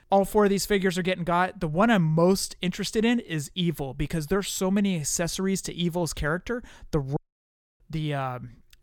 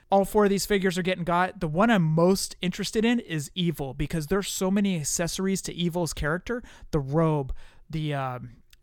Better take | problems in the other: second | audio cutting out; at 7 s for 0.5 s

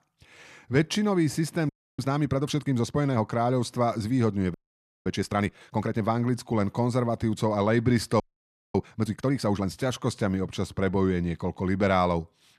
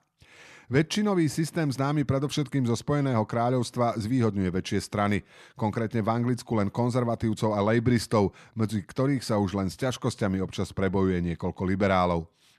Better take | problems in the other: second | audio freezing; at 1.5 s, at 4.5 s for 0.5 s and at 8 s for 0.5 s

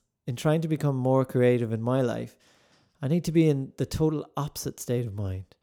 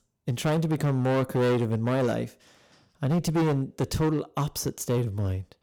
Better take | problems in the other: first | distortion; heavy; 14% of the sound clipped

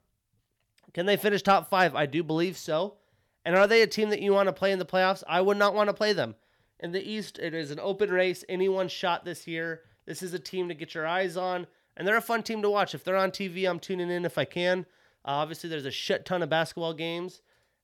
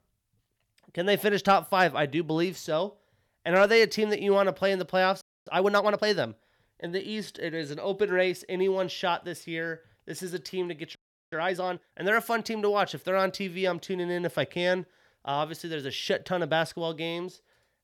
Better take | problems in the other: first | audio freezing; at 5 s and at 11 s

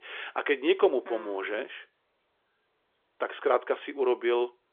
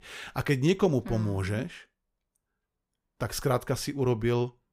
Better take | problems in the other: second | phone-call audio; nothing above 3.5 kHz

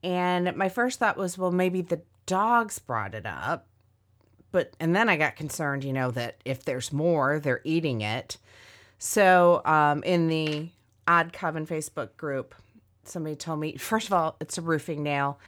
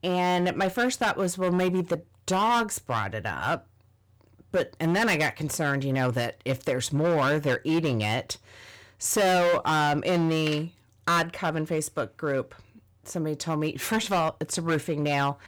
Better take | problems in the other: first | distortion; heavy; 11% of the sound clipped

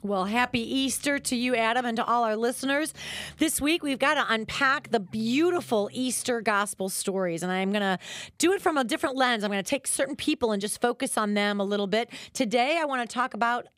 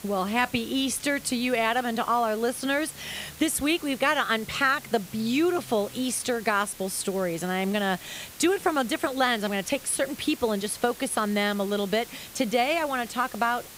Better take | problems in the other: first | hiss; noticeable; throughout; 15 dB below the speech

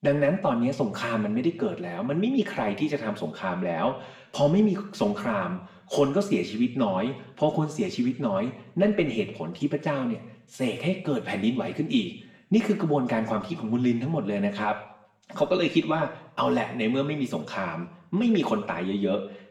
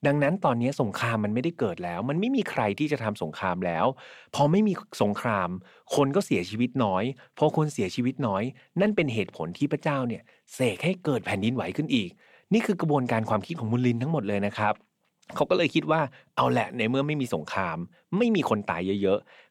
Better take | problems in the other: second | room echo; slight; dies away in 0.7 s // off-mic speech; far

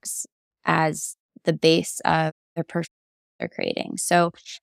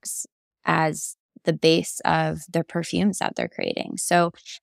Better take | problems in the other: second | audio cutting out; at 2.5 s and at 3 s for 0.5 s

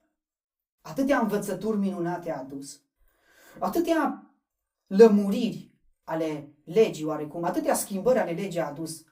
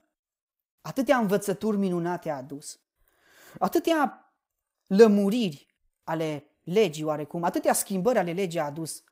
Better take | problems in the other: second | off-mic speech; far // room echo; very slight; dies away in 0.2 s

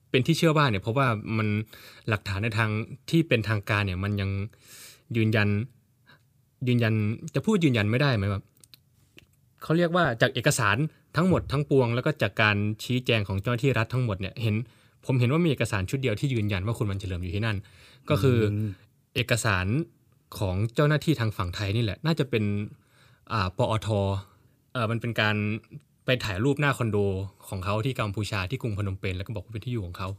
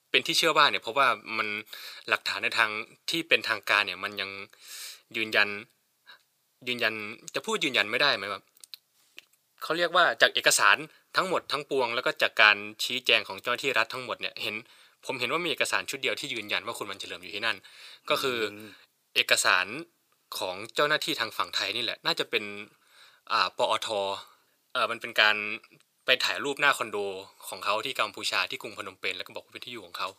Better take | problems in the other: first | thin; very; fading below 700 Hz

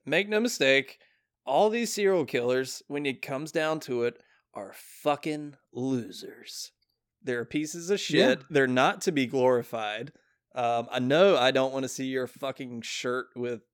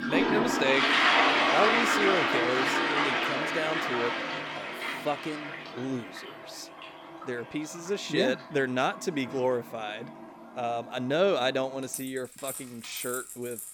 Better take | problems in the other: first | household noises; very loud; throughout; 4 dB above the speech

